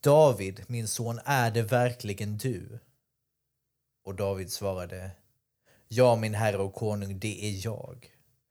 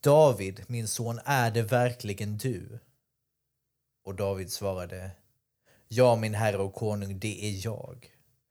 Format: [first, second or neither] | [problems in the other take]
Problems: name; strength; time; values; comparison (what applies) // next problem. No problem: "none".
neither | none